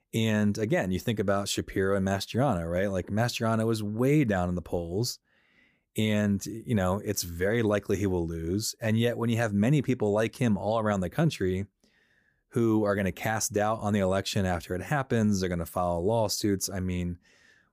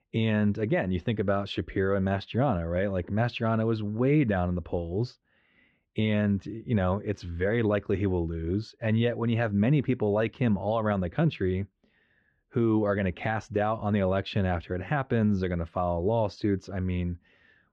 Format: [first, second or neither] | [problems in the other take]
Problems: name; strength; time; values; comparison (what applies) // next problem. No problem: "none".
first | muffled; very; fading above 3 kHz